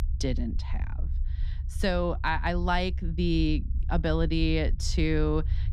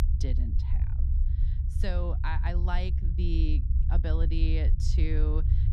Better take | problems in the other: first | low rumble; loud; throughout; 8 dB below the speech; faint in the first

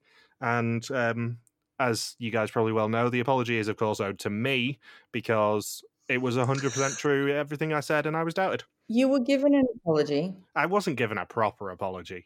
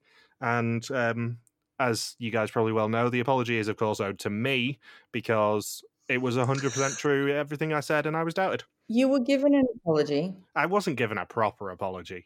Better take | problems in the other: neither | none

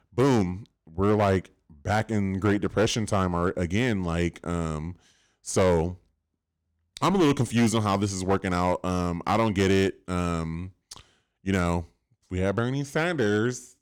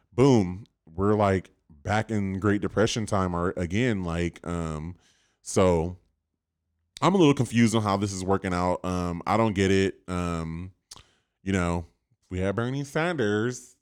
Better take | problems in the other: second | distortion; slight; 7% of the sound clipped

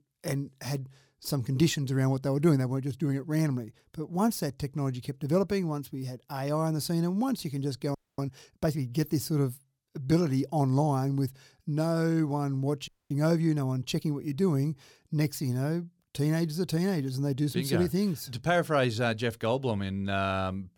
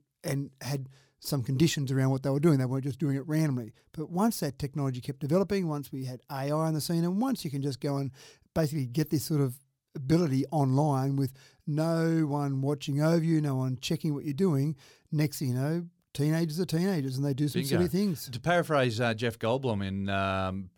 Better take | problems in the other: second | audio freezing; at 8 s and at 13 s

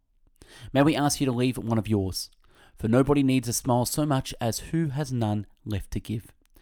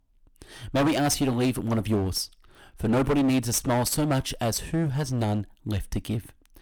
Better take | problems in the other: first | distortion; heavy; 12% of the sound clipped

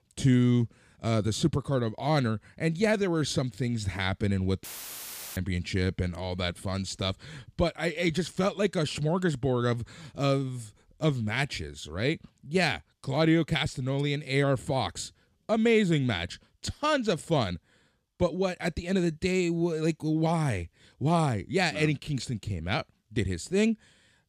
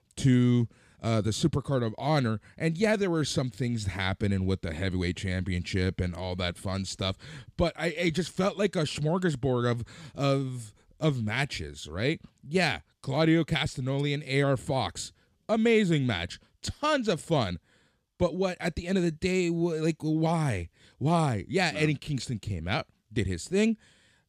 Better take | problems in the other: second | audio cutting out; filled with static; at 4.5 s for 0.5 s

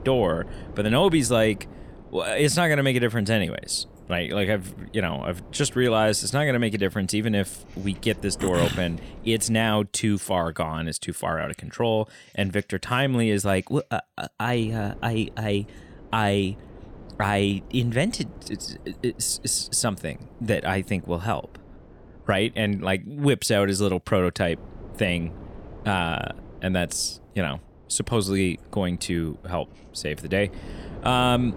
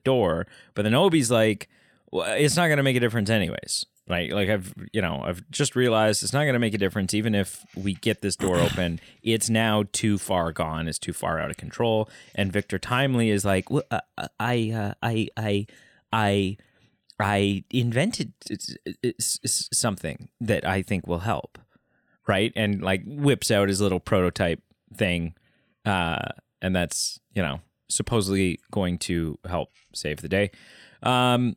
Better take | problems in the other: second | wind noise on the microphone; occasional gusts; until 10 s, from 15 to 23 s and from 24 s on; 25 dB below the speech

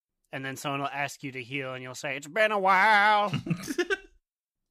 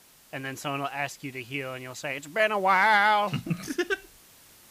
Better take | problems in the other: first | hiss; faint; throughout; 25 dB below the speech

